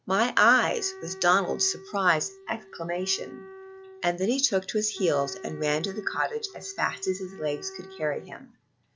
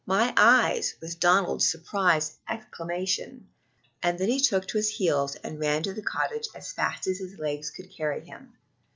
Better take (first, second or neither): second